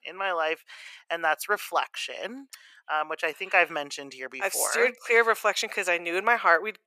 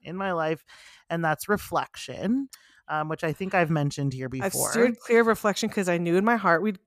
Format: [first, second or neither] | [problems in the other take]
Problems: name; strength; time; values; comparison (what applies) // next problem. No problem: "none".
second | thin; very; fading below 500 Hz